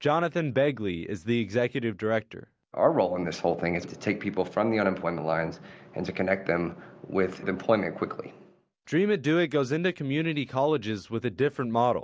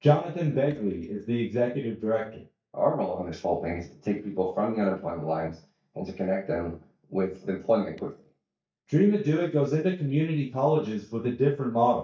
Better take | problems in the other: first | noise reduction (neural mask model DeepFilterNet 3)

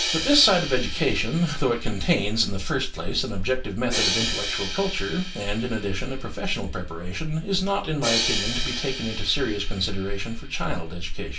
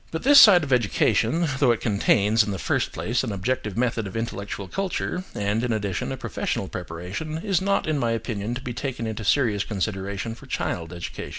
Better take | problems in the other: second | background sound (Crash cymbal); 8 dB below the speech // room echo; dies away in 0.2 s

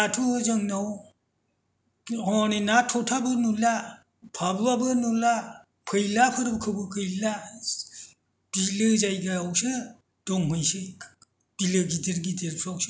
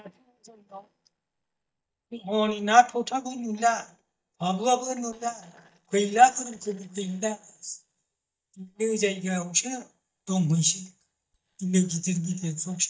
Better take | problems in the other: first | noise reduction (neural mask model DeepFilterNet 3)

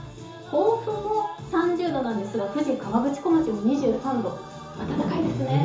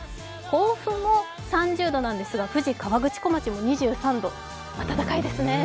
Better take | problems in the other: second | room echo; dies away in 0.7 s

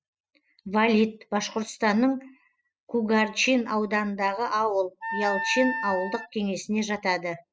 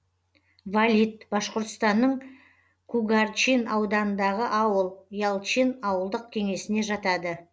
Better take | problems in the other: second | noise reduction (classical method spectral subtraction)

